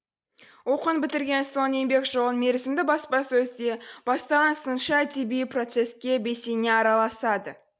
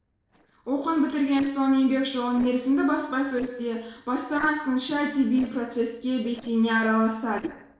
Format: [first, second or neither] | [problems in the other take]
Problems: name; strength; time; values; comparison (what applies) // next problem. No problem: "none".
first | noise reduction (neural separator model SepFormer DNS4)